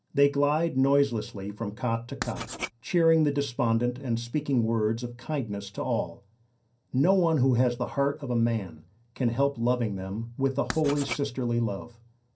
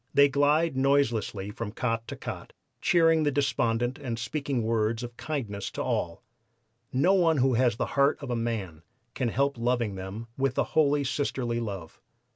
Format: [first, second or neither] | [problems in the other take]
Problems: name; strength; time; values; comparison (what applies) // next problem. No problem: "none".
second | background sound (Writing); 12 dB below the speech // room echo; dies away in 0.3 s